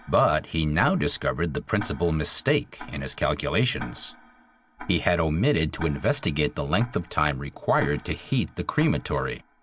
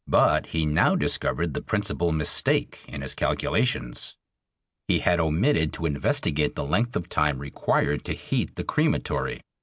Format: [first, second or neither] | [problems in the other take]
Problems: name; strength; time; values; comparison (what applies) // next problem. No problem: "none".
second | background sound (Tick-tock); 19 dB below the speech